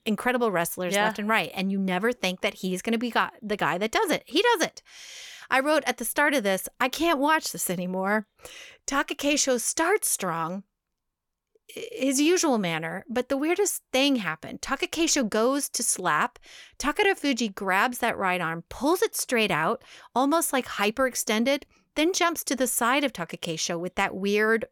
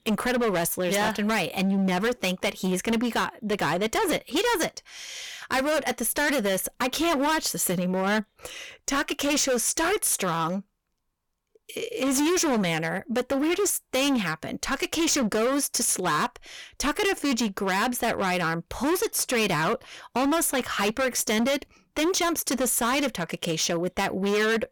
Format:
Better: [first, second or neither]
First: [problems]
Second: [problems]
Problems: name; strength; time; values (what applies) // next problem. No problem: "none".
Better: first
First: none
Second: distortion; heavy; 20% of the sound clipped